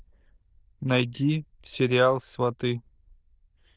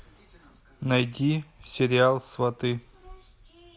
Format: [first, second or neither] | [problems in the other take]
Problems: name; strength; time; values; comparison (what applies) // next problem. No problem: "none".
second | noise reduction (neural diffusion model UNIVERSE++)